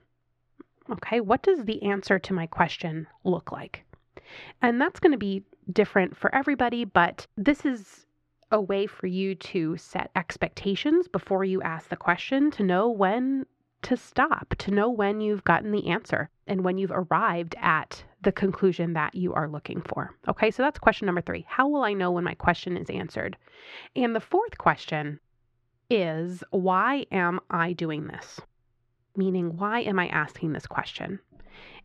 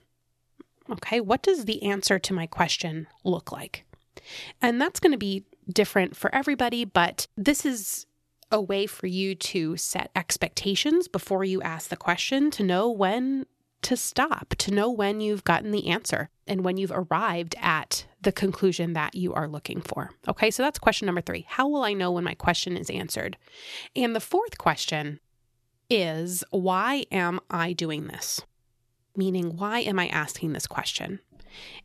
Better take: second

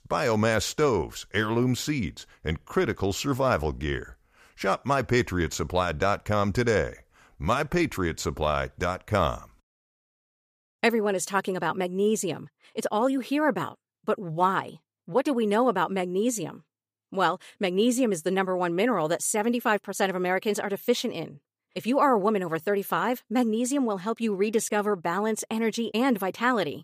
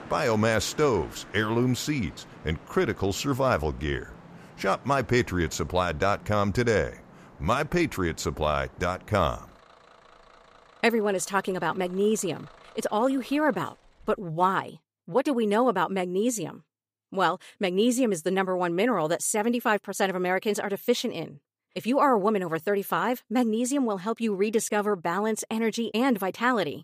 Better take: first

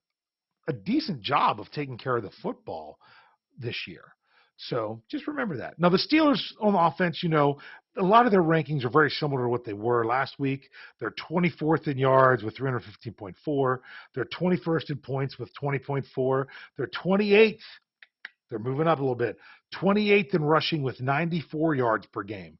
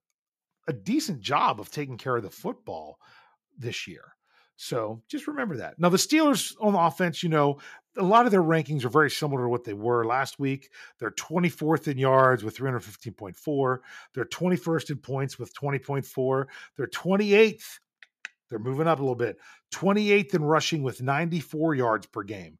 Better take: second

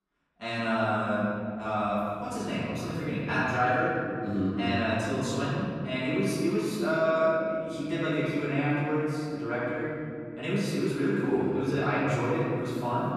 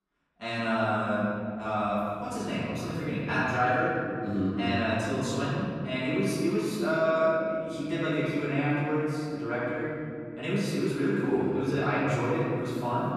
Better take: neither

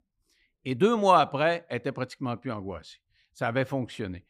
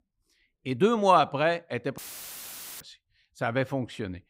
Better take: first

